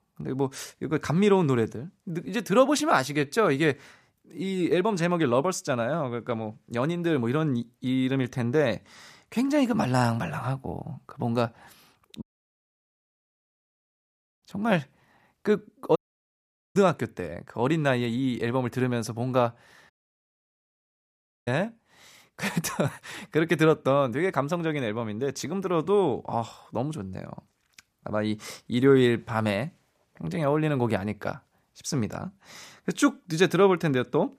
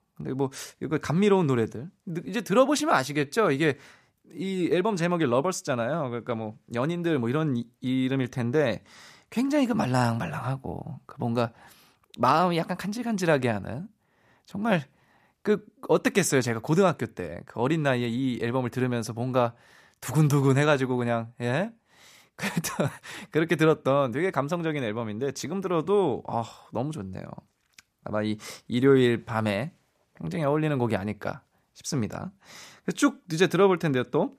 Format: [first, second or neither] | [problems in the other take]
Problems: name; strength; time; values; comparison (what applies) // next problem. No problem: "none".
second | audio cutting out; at 12 s for 2 s, at 16 s for 1 s and at 20 s for 1.5 s